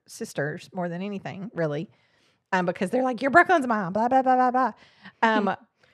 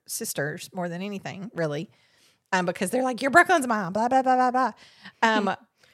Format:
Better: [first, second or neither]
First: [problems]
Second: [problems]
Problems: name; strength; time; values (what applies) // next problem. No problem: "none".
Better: second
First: muffled; slightly; fading above 2 kHz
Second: none